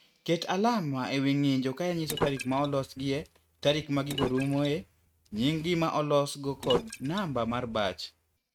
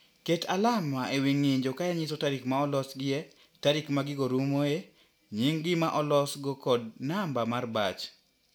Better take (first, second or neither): second